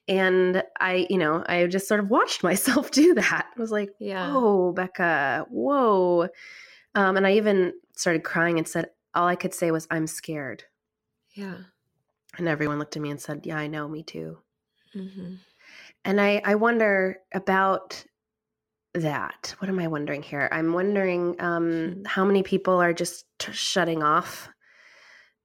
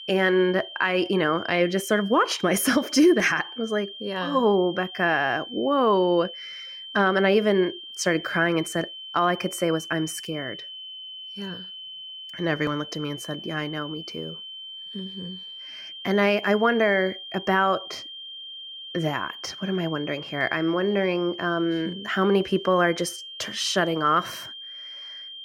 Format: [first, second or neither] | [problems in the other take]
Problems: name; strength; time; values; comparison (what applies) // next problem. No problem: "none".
first | high-pitched whine; noticeable; throughout; 3 kHz, 15 dB below the speech